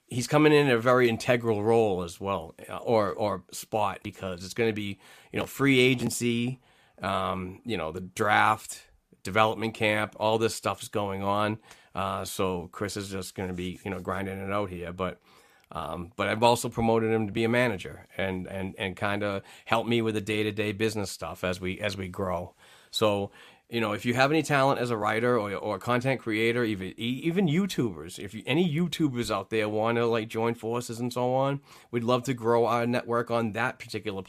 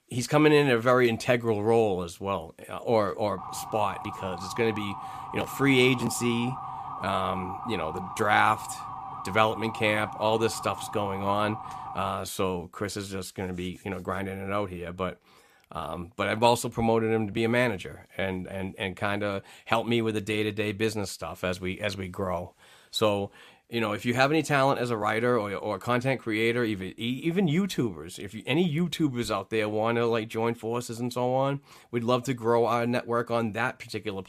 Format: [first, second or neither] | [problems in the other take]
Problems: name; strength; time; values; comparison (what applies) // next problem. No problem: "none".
first | siren; noticeable; from 3.5 to 12 s; peak 9 dB below the speech